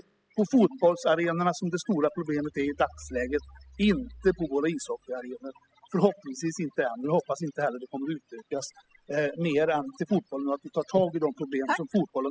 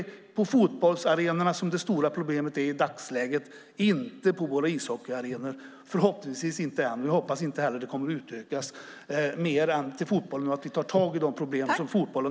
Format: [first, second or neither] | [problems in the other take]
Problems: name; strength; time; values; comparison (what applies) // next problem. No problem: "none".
second | noise reduction (classical method spectral subtraction)